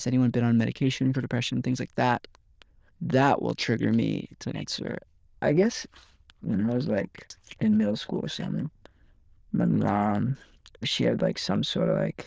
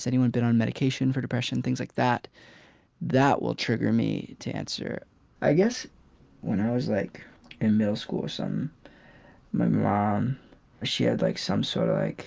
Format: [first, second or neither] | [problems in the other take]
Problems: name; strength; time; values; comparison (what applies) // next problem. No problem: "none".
second | noise reduction (neural diffusion model UNIVERSE++)